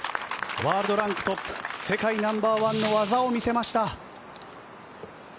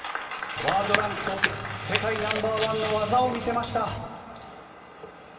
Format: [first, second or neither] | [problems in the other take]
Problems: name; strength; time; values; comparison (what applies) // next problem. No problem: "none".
first | background sound (Chewing, mastication); 4 dB below the speech // room echo; dies away in 2.7 s